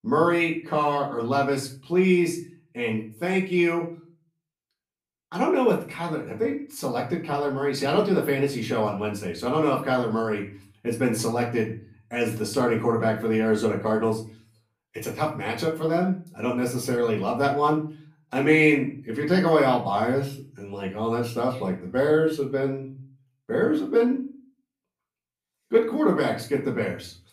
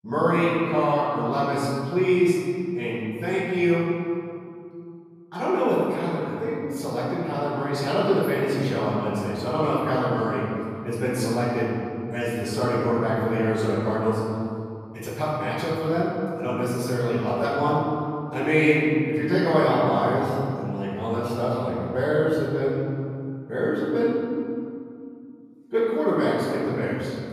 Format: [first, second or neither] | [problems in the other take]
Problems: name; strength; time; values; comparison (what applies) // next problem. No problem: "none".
first | room echo; strong; dies away in 2.4 s; slight in the first // off-mic speech; far; far in the first